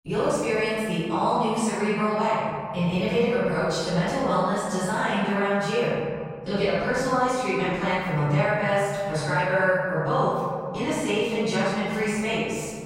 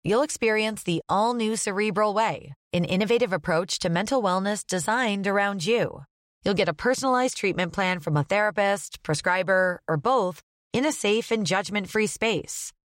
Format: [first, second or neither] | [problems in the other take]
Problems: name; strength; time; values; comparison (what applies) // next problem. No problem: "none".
second | off-mic speech; far // room echo; strong; dies away in 2.2 s